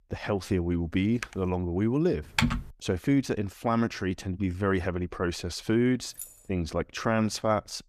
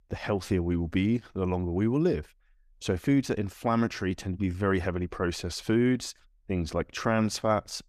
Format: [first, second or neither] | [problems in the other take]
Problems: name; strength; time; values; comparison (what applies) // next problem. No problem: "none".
second | keyboard typing; faint; at 1 s; peak 10 dB below the speech // keyboard typing; loud; at 2.5 s; peak 1 dB above the speech // jangling keys; faint; at 6 s; peak 15 dB below the speech